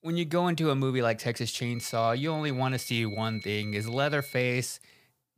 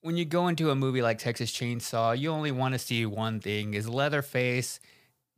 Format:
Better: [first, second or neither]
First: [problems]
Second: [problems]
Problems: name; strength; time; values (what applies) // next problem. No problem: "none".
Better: second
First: high-pitched whine; noticeable; from 1.5 to 4.5 s; 2 kHz, 15 dB below the speech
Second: none